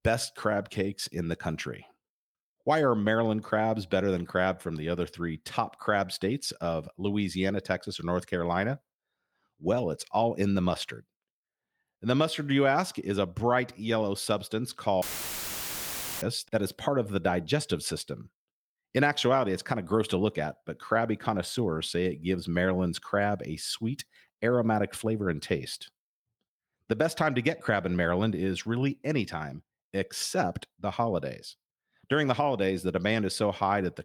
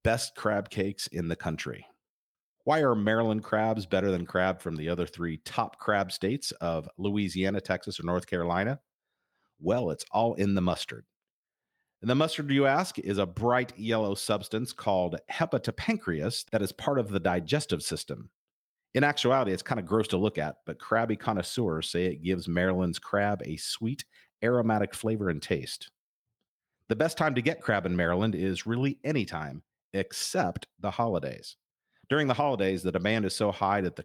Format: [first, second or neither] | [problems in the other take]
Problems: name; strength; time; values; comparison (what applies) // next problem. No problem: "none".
second | audio cutting out; filled with static; at 15 s for 1 s